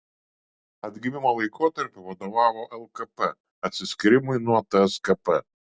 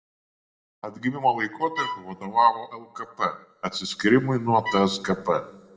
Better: first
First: none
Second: background sound (Bowed string instrument); 9 dB below the speech // room echo; dies away in 1.6 s

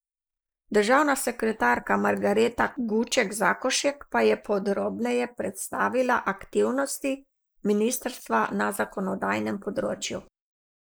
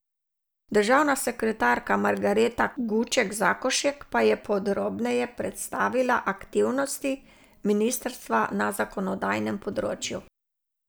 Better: second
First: noise reduction (neural mask model Resemble Enhance denoiser)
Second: none

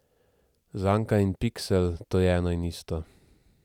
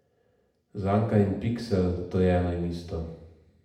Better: first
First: none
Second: room echo; dies away in 0.8 s

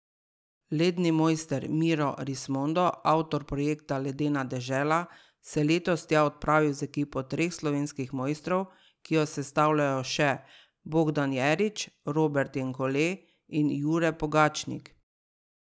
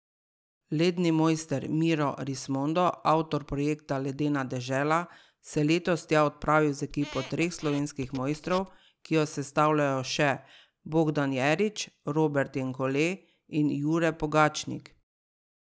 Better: first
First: none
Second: background sound (Squeak); 17 dB below the speech

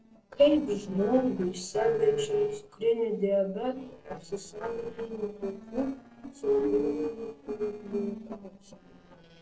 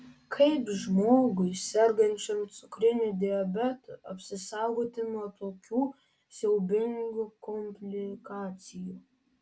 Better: second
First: noise reduction (neural separator model SepFormer DNS4)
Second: none

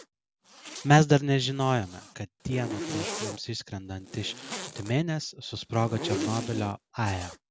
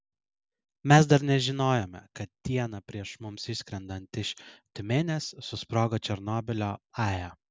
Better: second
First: background sound (Zipper (clothing)); 10 dB below the speech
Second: none

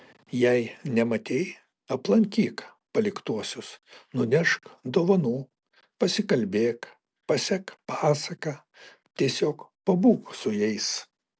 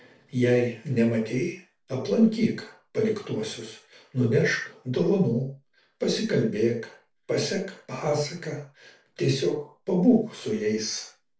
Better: first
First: none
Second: room echo; dies away in 0.3 s

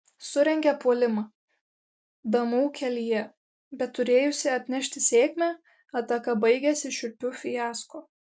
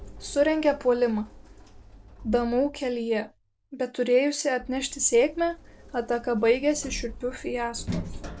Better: first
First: none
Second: background sound (Sliding door); 14 dB below the speech

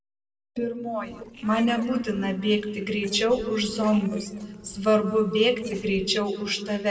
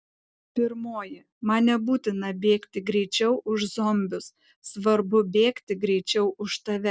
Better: second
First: noise reduction (neural separator model SepFormer DNS4)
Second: none

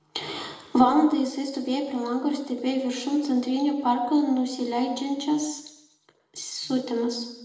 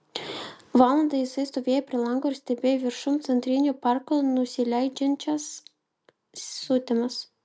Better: second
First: room echo; dies away in 0.9 s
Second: none

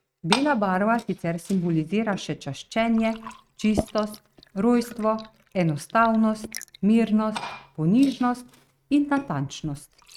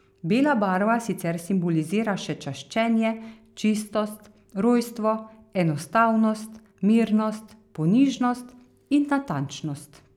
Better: second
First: noise reduction (neural mask model RNNoise)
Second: none

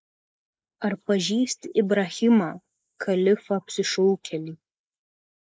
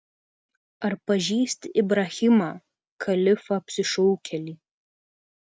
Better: second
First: noise reduction (neural mask model Resemble Enhance denoiser)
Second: none

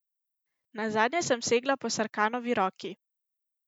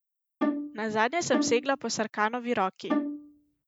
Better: first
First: none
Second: background sound (Bowed string instrument); 2 dB below the speech

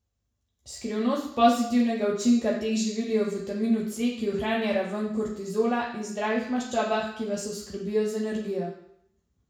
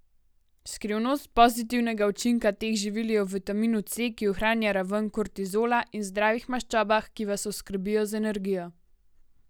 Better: second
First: room echo; dies away in 0.7 s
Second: none

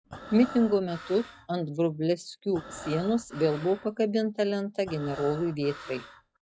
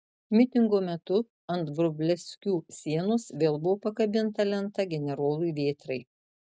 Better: second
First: noise reduction (classical method log-MMSE)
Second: none

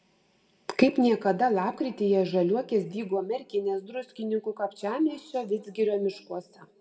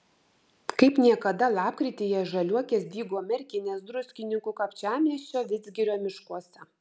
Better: second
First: room echo; dies away in 1.2 s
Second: none

